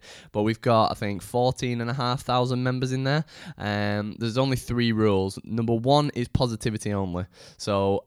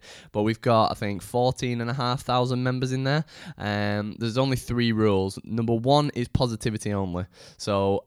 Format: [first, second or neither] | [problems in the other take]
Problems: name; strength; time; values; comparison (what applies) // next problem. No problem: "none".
neither | none